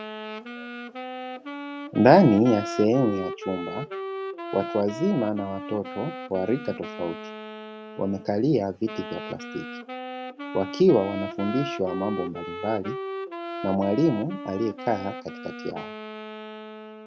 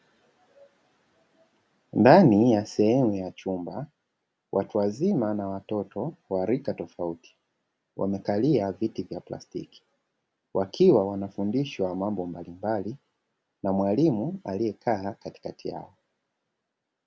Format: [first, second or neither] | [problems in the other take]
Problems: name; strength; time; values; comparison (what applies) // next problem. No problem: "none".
second | background sound (Wind instrument, woodwind instrument); 9 dB below the speech